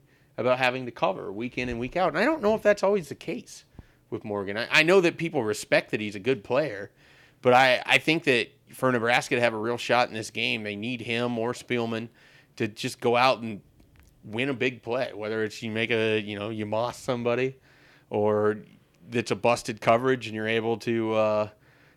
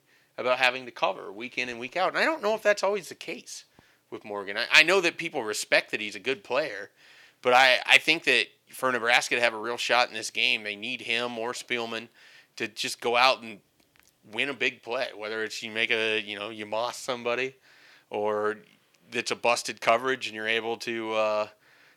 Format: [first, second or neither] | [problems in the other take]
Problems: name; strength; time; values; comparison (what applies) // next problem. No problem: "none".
first | thin; somewhat; fading below 850 Hz